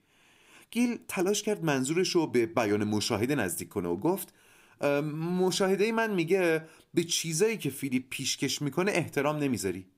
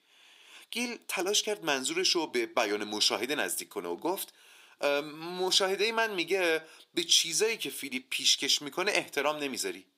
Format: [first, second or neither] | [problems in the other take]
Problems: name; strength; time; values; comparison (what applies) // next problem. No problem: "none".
first | thin; somewhat; fading below 450 Hz